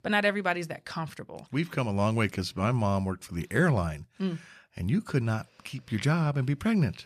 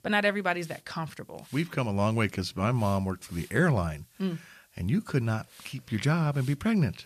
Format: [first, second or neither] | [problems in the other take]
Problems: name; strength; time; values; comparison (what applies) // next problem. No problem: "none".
first | hiss; faint; throughout; 25 dB below the speech